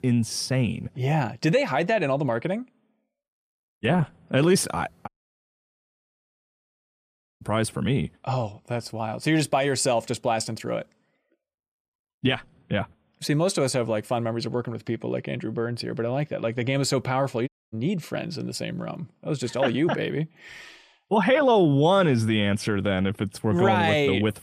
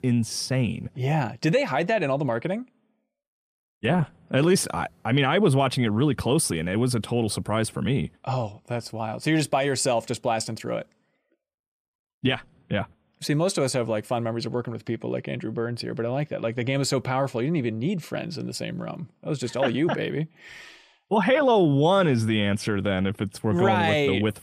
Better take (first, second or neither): second